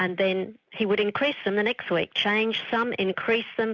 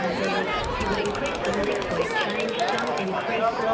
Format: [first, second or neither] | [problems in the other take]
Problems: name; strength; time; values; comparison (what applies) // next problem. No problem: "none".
first | background sound (Crowd); 4 dB above the speech // room echo; dies away in 0.8 s